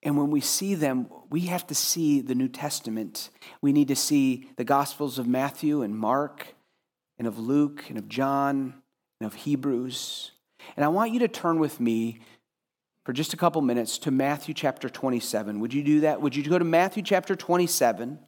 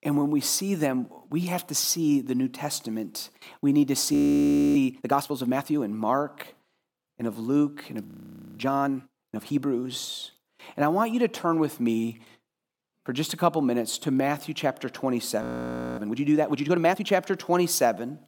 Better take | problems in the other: first | audio freezing; at 4 s for 0.5 s, at 8 s and at 15 s for 0.5 s

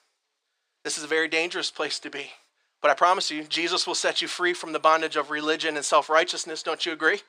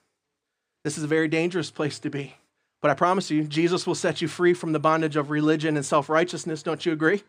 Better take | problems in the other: second | thin; very; fading below 650 Hz

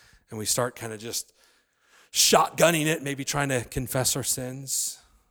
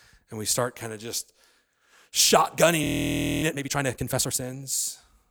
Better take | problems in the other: first | audio freezing; at 3 s for 0.5 s

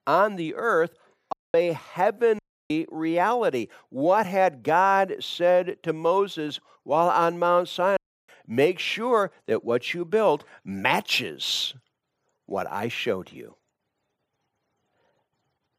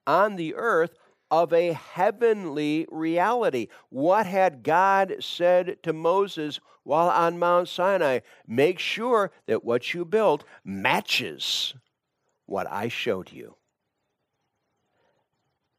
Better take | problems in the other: second | audio cutting out; at 1.5 s, at 2.5 s and at 8 s

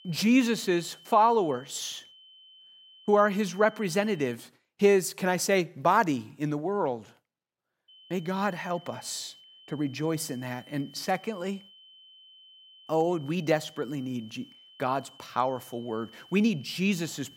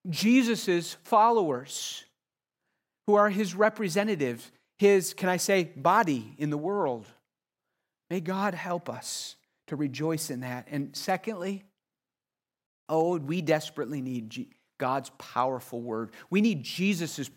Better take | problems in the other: second | high-pitched whine; faint; until 4.5 s and from 8 s on; 3 kHz, 25 dB below the speech

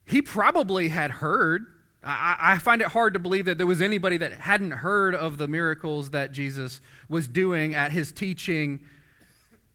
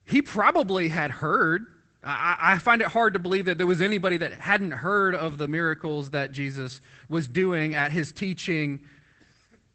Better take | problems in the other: first | garbled, watery; badly; nothing above 8 kHz; slightly in the first

